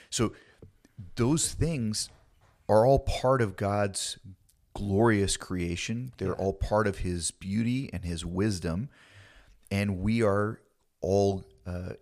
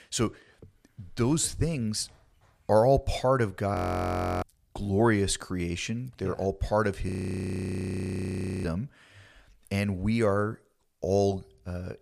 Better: first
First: none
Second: audio freezing; at 4 s for 0.5 s and at 7 s for 1.5 s

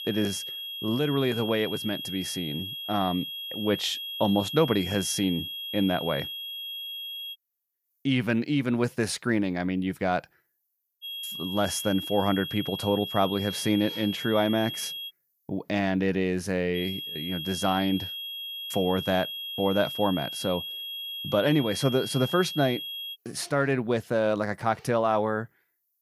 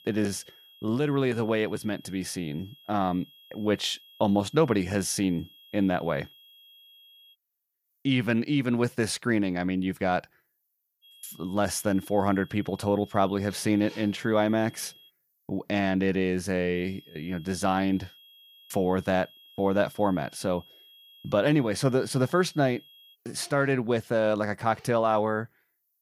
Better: second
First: high-pitched whine; loud; until 7.5 s, from 11 to 15 s and from 17 to 23 s; 3.5 kHz, 6 dB below the speech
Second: high-pitched whine; faint; until 7.5 s, from 11 to 15 s and from 17 to 23 s; 3.5 kHz, 25 dB below the speech

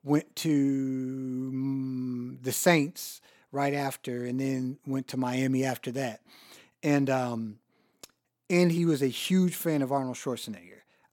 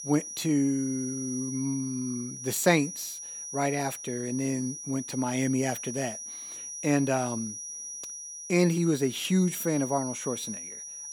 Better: first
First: none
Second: high-pitched whine; loud; throughout; 6 kHz, 8 dB below the speech

